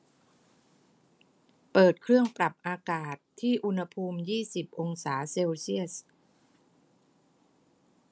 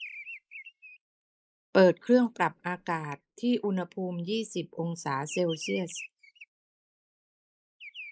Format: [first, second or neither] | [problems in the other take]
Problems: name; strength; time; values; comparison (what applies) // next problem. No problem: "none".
first | noise reduction (neural mask model Resemble Enhance denoiser)